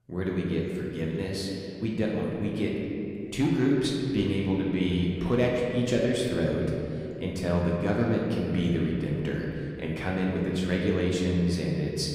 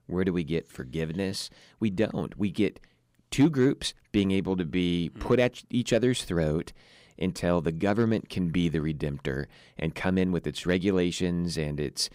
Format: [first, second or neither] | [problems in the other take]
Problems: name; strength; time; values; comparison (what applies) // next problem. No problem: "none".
second | room echo; noticeable; dies away in 2.6 s // off-mic speech; somewhat distant